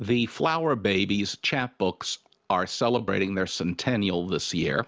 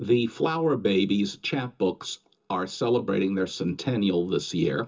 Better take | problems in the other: first | room echo; dies away in 0.2 s

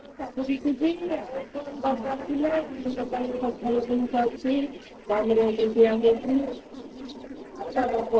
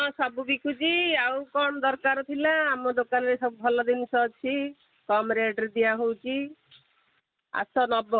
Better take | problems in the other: second | noise reduction (neural separator model SepFormer DNS4)

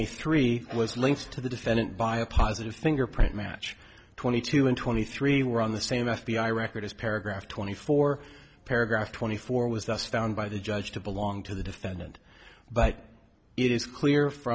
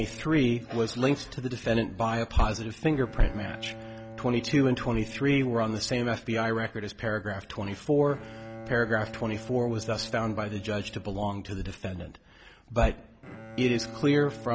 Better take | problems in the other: first | background sound (Bowed string instrument); 17 dB below the speech

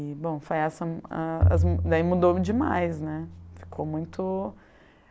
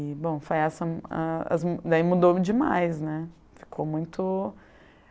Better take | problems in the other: second | background sound (Bowed string instrument); 1 dB below the speech

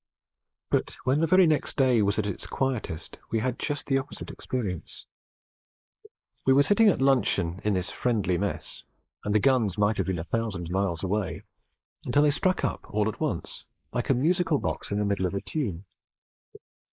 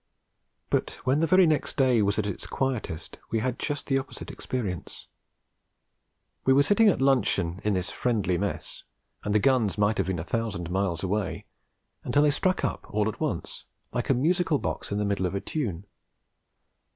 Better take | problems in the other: second | noise reduction (neural mask model Resemble Enhance denoiser)

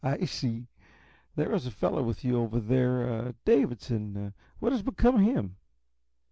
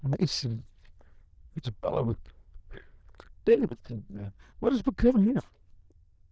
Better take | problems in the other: first | noise reduction (neural diffusion model UNIVERSE++)

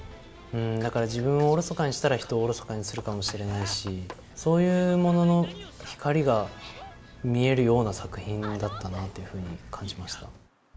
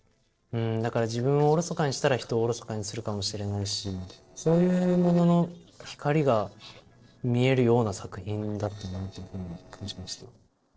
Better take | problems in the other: first | noise reduction (neural separator model SepFormer DNS4)

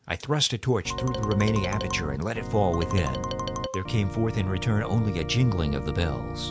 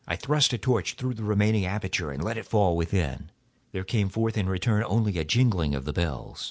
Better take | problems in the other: second | background sound (Marimba, xylophone + Organ); 6 dB below the speech

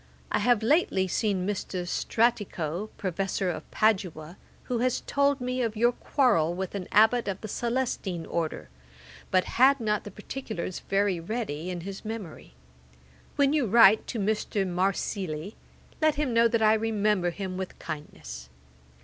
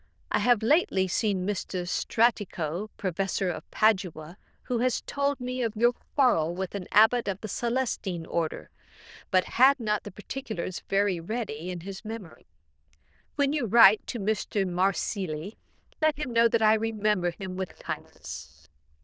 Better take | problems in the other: first | noise reduction (neural diffusion model UNIVERSE++)

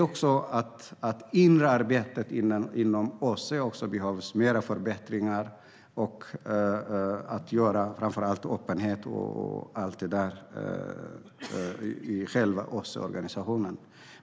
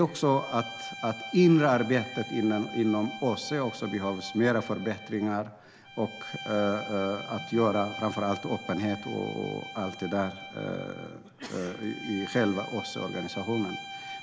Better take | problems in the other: first | background sound (Bowed string instrument); 13 dB below the speech

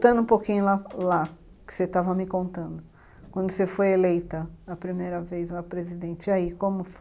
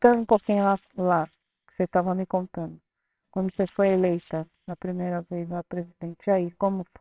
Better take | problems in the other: first | noise reduction (neural separator model SepFormer WHAMR!)

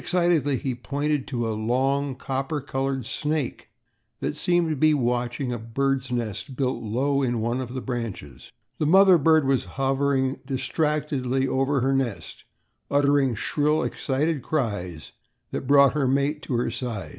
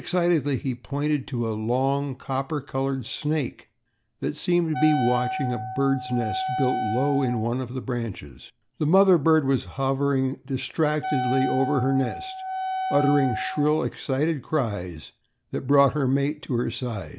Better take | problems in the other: first | background sound (Wind instrument, woodwind instrument); 5 dB below the speech

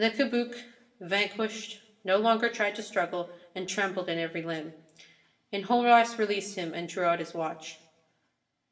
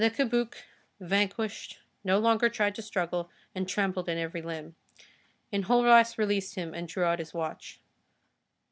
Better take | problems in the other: second | room echo; dies away in 0.7 s

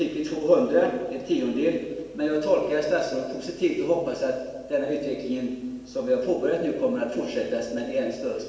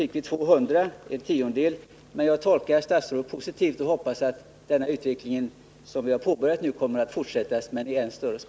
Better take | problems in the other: second | room echo; dies away in 1.3 s

